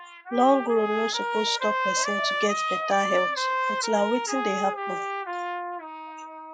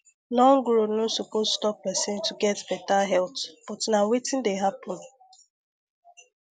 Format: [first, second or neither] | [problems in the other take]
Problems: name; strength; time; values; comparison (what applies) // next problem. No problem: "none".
second | noise reduction (classical method log-MMSE)